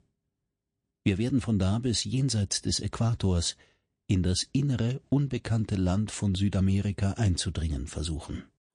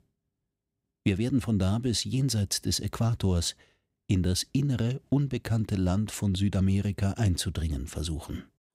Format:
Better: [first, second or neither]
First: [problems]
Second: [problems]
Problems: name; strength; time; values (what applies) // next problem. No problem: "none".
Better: second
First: garbled, watery; slightly; nothing above 9 kHz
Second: none